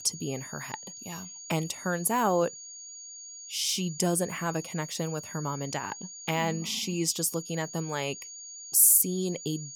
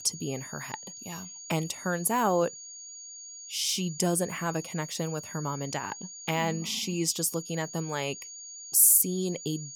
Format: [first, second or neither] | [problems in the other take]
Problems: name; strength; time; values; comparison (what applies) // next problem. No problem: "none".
neither | high-pitched whine; noticeable; throughout; 6.5 kHz, 15 dB below the speech; the same in both